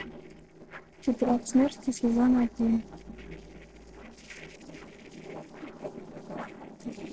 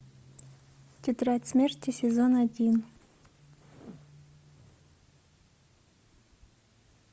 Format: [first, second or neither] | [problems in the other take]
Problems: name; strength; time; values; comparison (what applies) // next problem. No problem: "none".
second | noise reduction (neural separator model SepFormer DNS4)